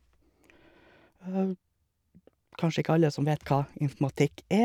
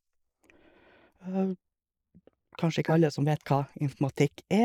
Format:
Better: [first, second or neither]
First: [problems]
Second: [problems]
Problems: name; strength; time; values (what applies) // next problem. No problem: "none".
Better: first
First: none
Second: noise reduction (neural mask model Resemble Enhance denoiser)